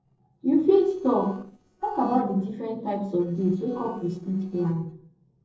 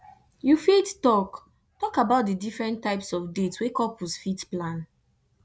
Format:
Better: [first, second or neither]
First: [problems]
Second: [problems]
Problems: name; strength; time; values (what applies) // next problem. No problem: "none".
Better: second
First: noise reduction (neural separator model SepFormer DNS4)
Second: none